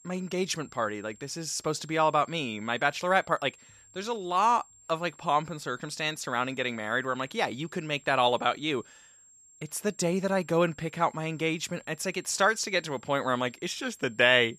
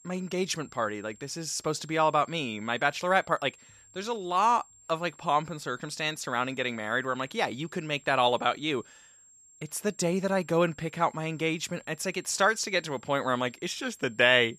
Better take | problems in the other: neither | high-pitched whine; faint; throughout; 7.5 kHz, 25 dB below the speech; the same in both

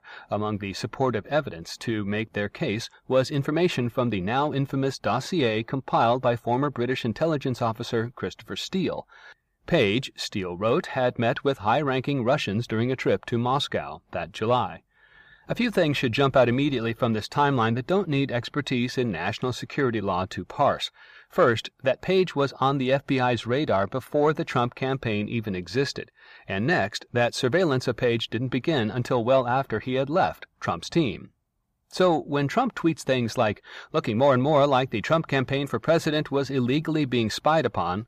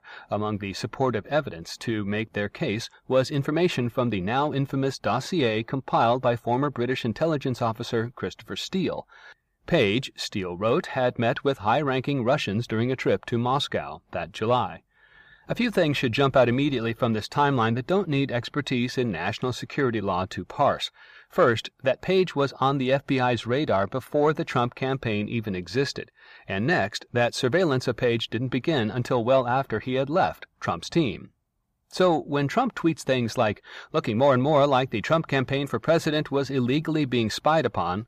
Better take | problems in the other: neither | none

